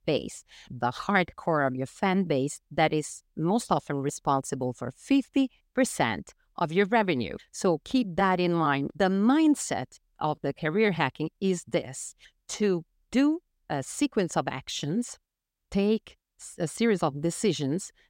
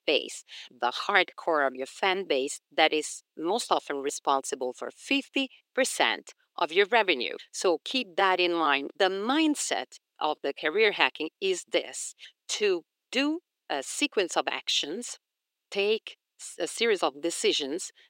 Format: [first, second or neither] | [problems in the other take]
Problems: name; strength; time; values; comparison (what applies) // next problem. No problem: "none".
first | thin; somewhat; fading below 350 Hz